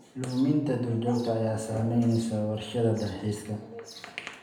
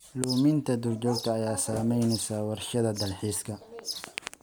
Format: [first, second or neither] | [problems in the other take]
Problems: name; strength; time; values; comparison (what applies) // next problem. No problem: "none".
second | room echo; dies away in 0.7 s